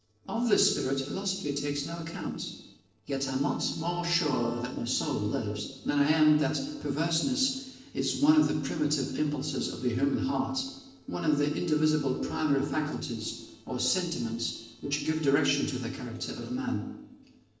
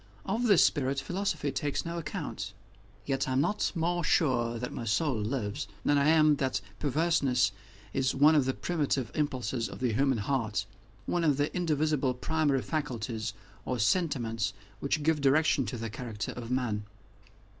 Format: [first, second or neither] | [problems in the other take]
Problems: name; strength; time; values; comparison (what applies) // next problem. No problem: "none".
second | noise reduction (neural separator model SepFormer DNS4)